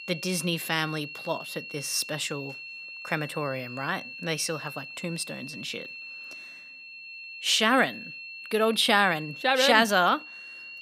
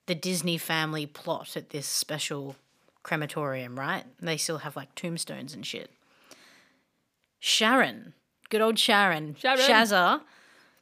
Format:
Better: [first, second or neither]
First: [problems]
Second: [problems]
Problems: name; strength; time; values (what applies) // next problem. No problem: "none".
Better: second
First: high-pitched whine; noticeable; throughout; 2.5 kHz, 15 dB below the speech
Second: none